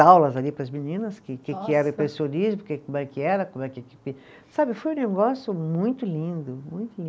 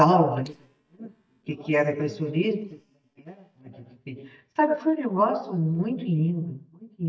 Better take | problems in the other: first | noise reduction (neural mask model DeepFilterNet 3)

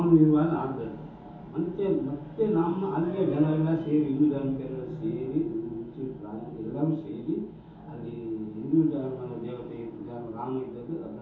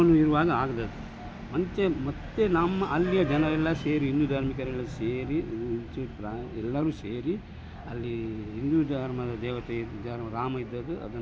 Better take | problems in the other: second | room echo; dies away in 0.6 s

